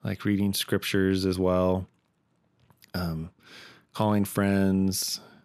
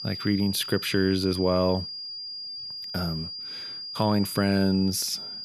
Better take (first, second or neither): first